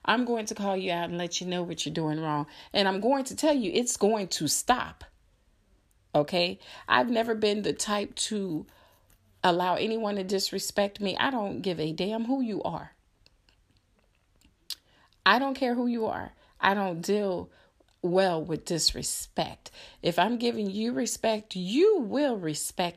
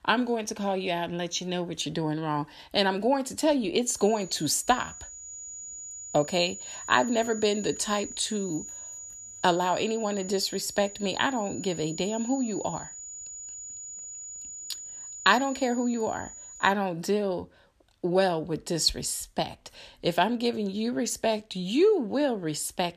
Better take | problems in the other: first | high-pitched whine; noticeable; from 4 to 17 s; 7 kHz, 10 dB below the speech

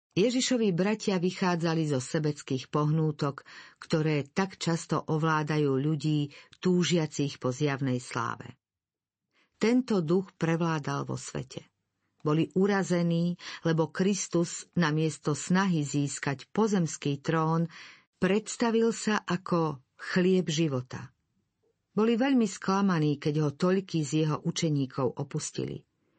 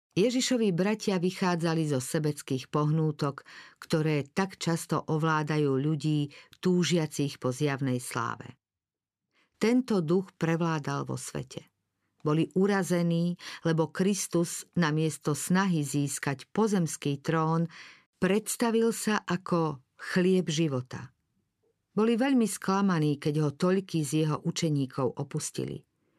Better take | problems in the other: second | garbled, watery; slightly; nothing above 8 kHz

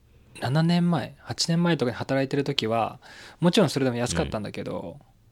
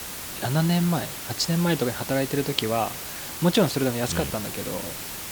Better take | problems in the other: first | hiss; loud; throughout; 7 dB below the speech

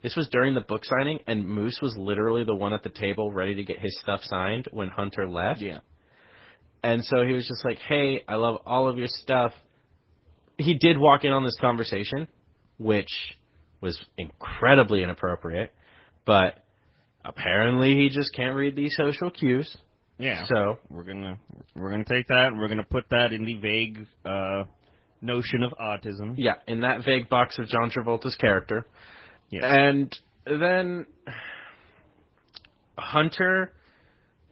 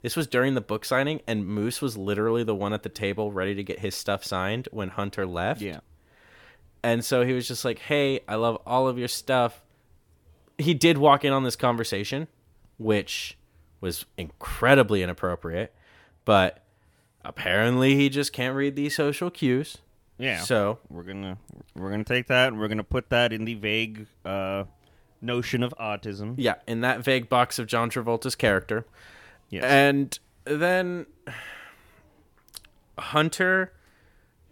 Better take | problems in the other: second | garbled, watery; badly; nothing above 5.5 kHz

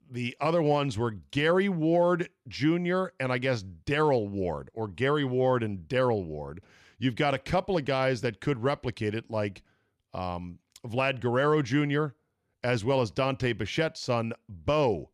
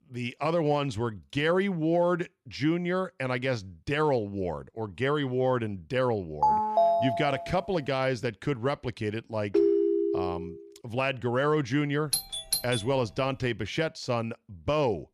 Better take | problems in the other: first | phone ringing; loud; from 6.5 to 7.5 s and at 9.5 s; peak 5 dB above the speech // doorbell; noticeable; at 12 s; peak level with the speech

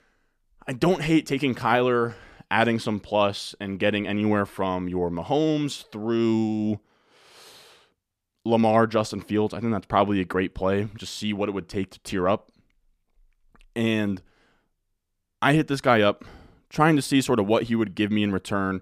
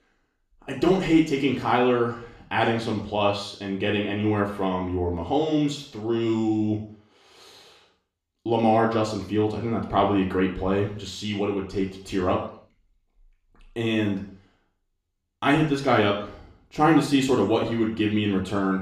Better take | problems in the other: first | room echo; noticeable; dies away in 0.5 s // off-mic speech; far

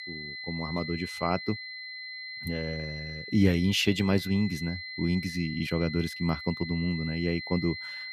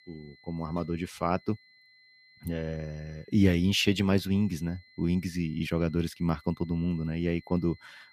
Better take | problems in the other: second | high-pitched whine; loud; throughout; 2 kHz, 8 dB below the speech; faint in the second

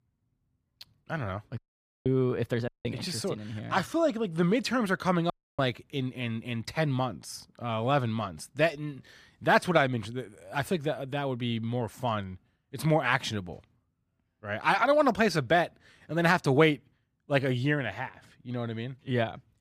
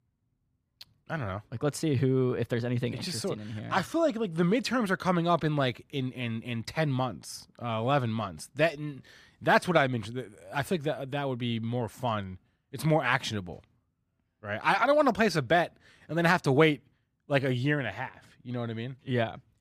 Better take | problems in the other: second | audio cutting out; at 1.5 s, at 2.5 s and at 5.5 s

